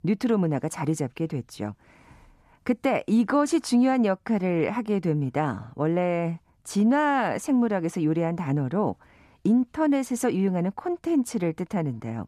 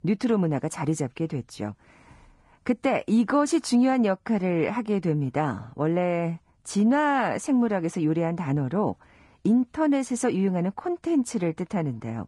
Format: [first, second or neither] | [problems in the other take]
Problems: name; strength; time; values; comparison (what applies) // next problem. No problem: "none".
first | garbled, watery; slightly; nothing above 10.5 kHz